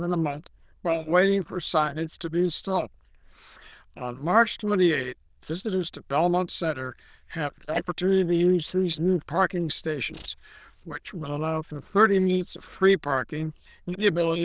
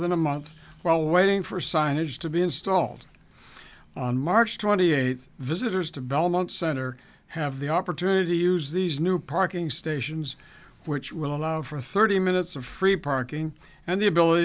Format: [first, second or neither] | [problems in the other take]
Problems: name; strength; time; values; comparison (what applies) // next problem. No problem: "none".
second | noise reduction (neural diffusion model UNIVERSE++)